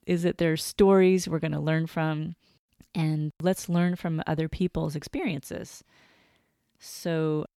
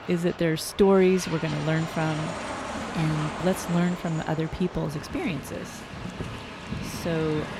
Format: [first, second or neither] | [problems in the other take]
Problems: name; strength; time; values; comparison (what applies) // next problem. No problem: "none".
first | train or aircraft noise; loud; throughout; 9 dB below the speech